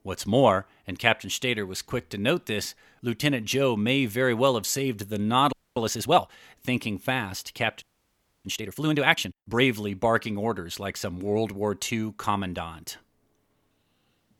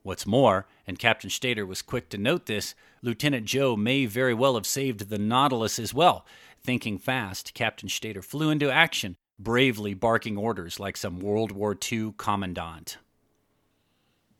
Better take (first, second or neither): second